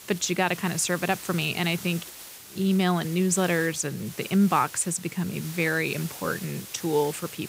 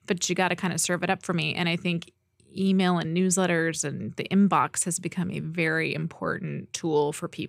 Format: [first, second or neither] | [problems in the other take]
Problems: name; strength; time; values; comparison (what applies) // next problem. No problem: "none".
second | hiss; noticeable; throughout; 15 dB below the speech